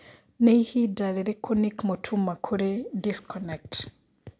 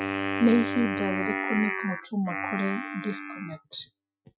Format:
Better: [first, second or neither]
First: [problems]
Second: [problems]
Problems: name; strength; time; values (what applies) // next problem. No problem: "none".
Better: first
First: none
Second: noise reduction (classical method Wiener filter)